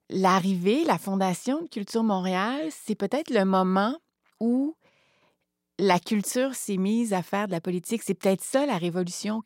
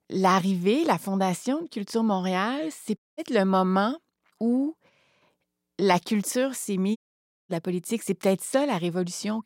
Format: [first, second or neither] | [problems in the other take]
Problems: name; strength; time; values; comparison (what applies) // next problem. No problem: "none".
first | audio cutting out; at 3 s and at 7 s for 0.5 s